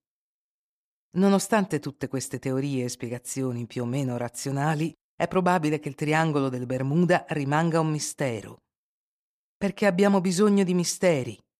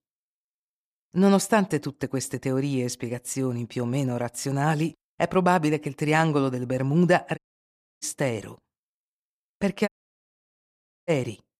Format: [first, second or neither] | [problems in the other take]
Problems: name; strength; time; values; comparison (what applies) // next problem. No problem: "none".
first | audio cutting out; at 7.5 s for 0.5 s and at 10 s for 1 s